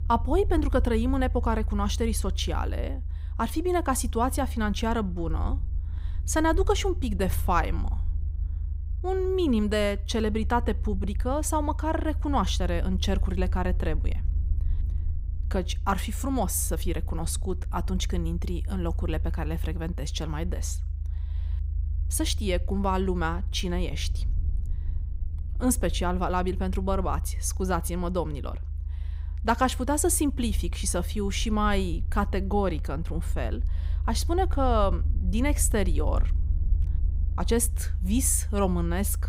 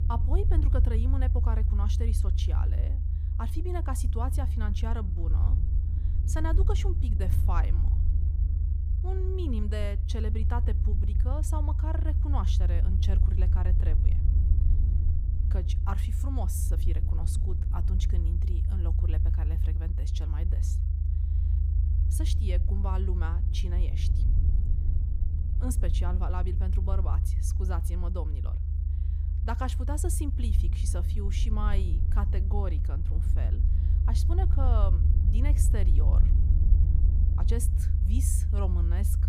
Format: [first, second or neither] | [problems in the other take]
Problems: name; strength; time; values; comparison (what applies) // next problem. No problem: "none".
first | low rumble; loud; throughout; 5 dB below the speech; faint in the first